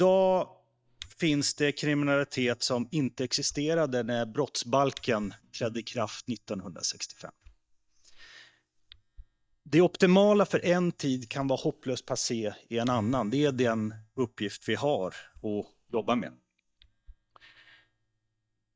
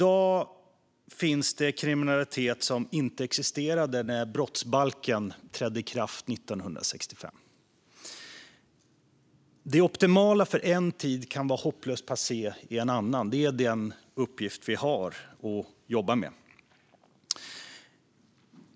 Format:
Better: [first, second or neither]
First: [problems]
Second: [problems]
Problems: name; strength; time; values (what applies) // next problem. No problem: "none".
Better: second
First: noise reduction (neural mask model DeepFilterNet 3)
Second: none